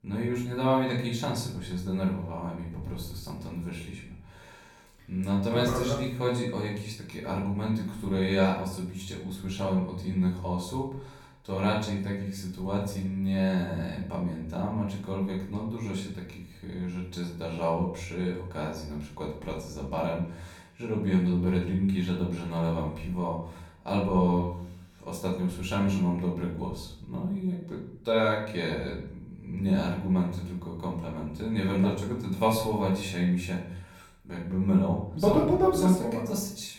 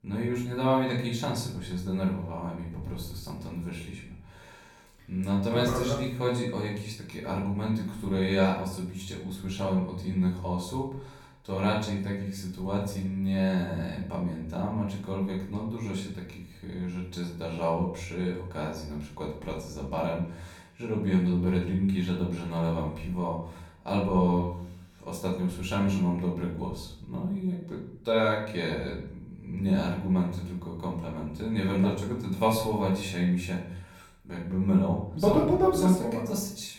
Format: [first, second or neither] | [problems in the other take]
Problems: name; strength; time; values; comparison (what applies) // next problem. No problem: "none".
neither | off-mic speech; far; the same in both // room echo; noticeable; dies away in 0.6 s; the same in both